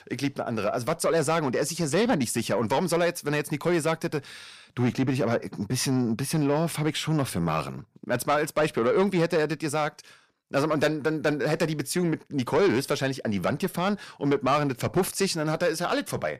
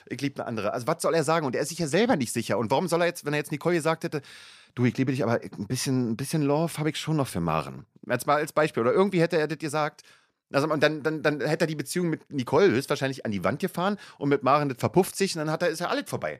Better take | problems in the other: second | distortion; slight; 10 dB below the speech

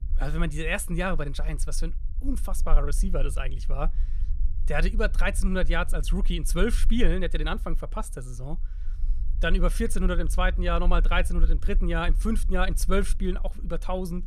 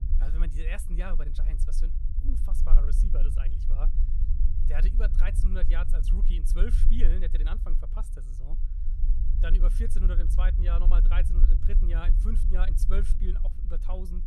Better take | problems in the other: first | low rumble; loud; throughout; 8 dB below the speech; faint in the first

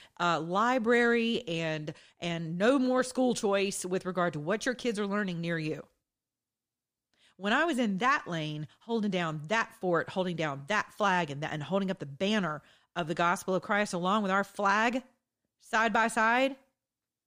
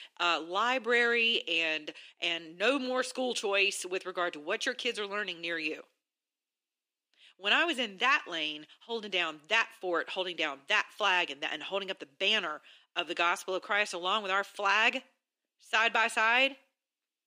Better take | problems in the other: first | thin; somewhat; fading below 300 Hz

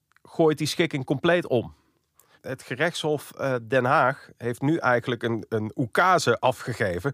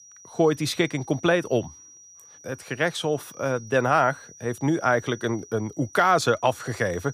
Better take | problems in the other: first | high-pitched whine; faint; throughout; 6 kHz, 20 dB below the speech

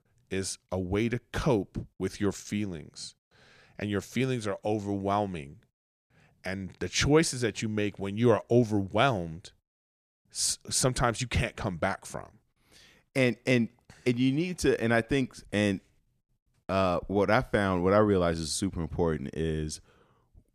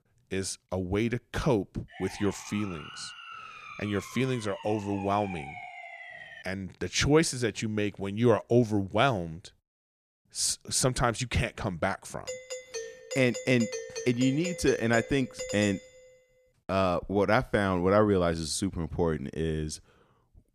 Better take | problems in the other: first | siren; faint; from 2 to 6.5 s; peak 10 dB below the speech // doorbell; noticeable; from 12 to 16 s; peak 7 dB below the speech

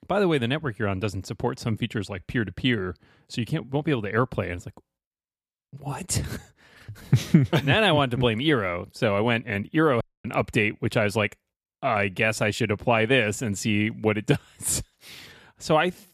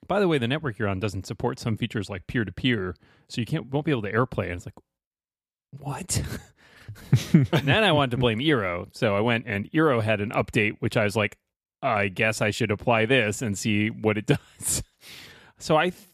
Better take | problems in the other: second | audio cutting out; at 10 s

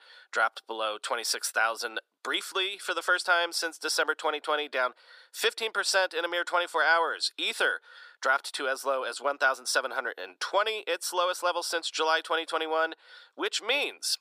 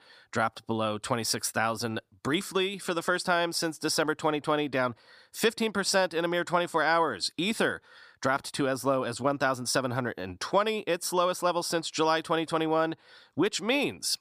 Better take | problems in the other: second | thin; very; fading below 400 Hz

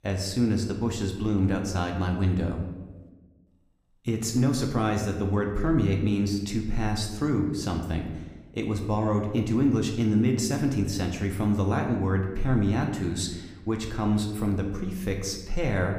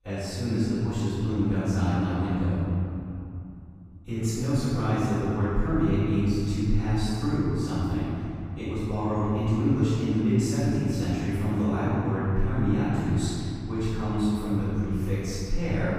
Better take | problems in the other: first | room echo; strong; dies away in 2.9 s; slight in the first // off-mic speech; far

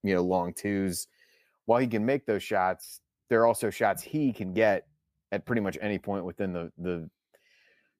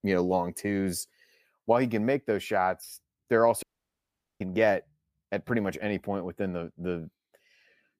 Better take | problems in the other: first | audio cutting out; at 3.5 s for 1 s

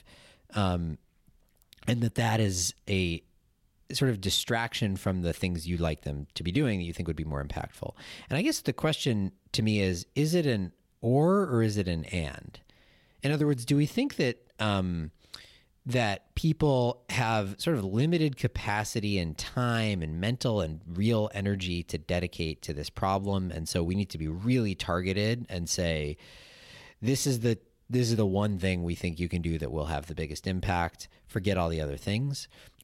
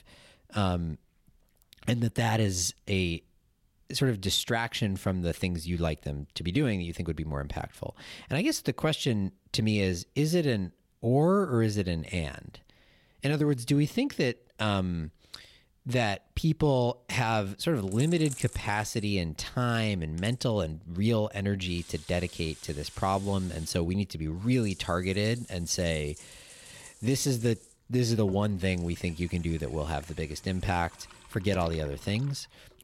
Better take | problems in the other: first | household noises; noticeable; from 18 s on; 20 dB below the speech

